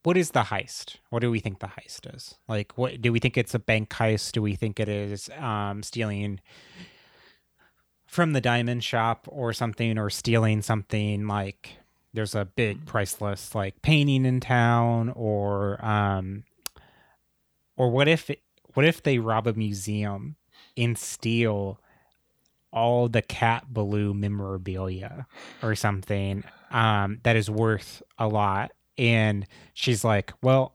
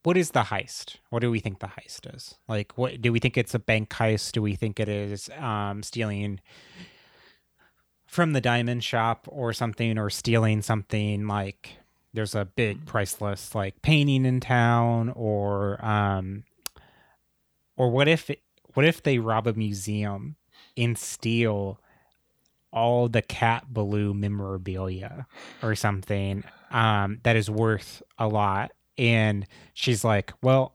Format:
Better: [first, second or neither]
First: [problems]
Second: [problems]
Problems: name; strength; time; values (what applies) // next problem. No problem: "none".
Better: neither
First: none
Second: none